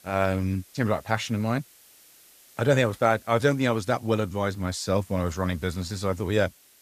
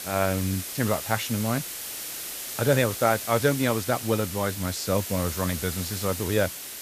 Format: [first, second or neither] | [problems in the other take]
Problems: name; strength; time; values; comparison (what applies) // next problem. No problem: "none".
first | hiss; loud; throughout; 6 dB below the speech; faint in the first